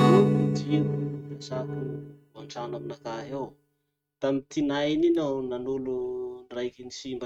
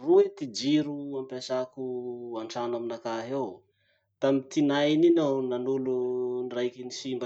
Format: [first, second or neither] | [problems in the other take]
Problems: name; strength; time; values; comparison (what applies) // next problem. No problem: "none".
second | noise reduction (neural mask model RNNoise)